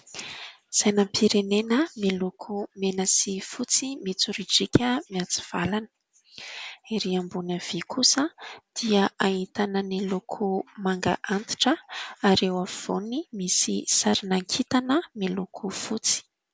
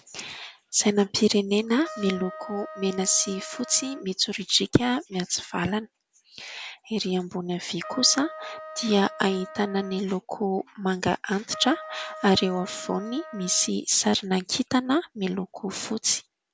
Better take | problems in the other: first | background sound (Trumpet); 15 dB below the speech

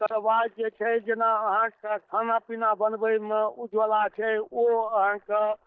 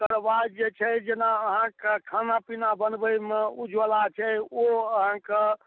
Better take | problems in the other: second | noise reduction (neural mask model DeepFilterNet 3)

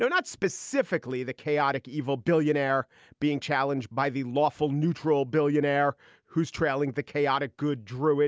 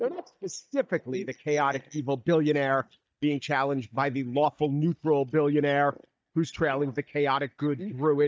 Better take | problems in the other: first | noise reduction (neural mask model DeepFilterNet 3)

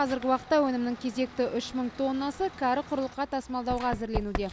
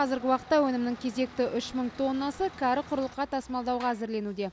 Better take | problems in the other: second | background sound (Run); 12 dB below the speech

